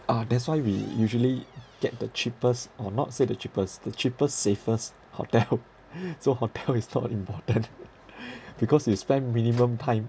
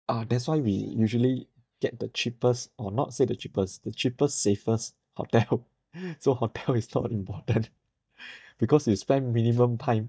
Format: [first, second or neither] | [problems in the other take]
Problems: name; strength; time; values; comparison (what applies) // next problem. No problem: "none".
first | noise reduction (neural mask model DeepFilterNet 3)